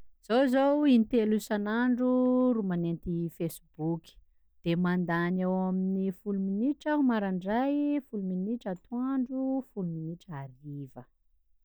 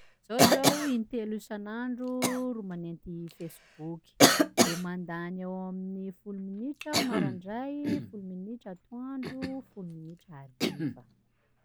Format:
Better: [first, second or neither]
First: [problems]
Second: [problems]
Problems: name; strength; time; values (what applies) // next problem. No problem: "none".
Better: first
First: none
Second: background sound (Cough); 4 dB above the speech